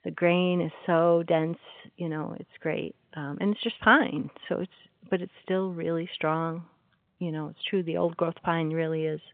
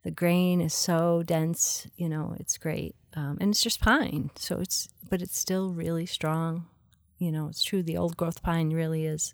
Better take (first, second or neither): second